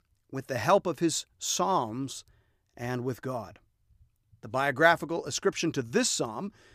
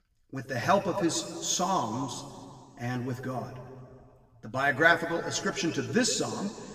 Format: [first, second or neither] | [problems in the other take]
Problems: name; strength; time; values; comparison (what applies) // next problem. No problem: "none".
first | room echo; slight; dies away in 1.8 s // off-mic speech; somewhat distant